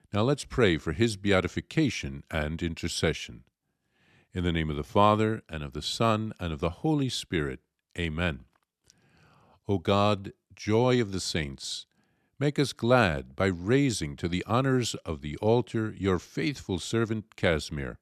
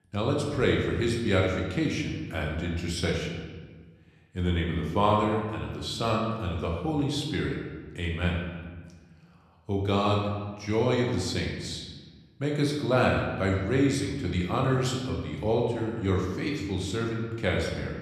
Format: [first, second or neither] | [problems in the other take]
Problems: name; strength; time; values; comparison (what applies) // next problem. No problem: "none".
first | room echo; noticeable; dies away in 1.2 s // off-mic speech; somewhat distant